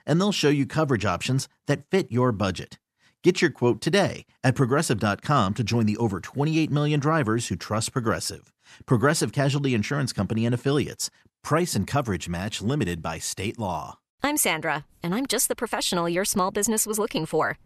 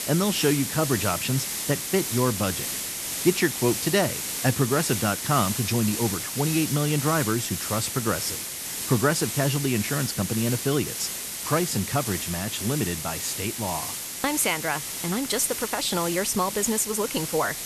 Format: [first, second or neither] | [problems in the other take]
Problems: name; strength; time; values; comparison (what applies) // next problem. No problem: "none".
first | hiss; loud; throughout; 3 dB below the speech